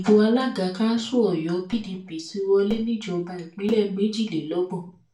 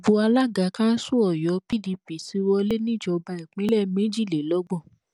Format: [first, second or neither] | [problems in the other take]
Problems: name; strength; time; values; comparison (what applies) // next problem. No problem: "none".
second | room echo; dies away in 0.4 s